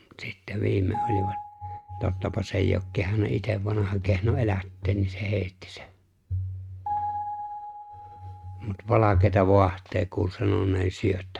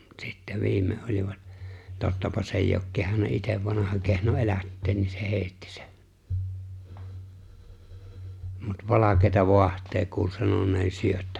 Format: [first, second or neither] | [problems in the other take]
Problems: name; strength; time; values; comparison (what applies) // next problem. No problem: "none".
second | noise reduction (neural mask model RNNoise)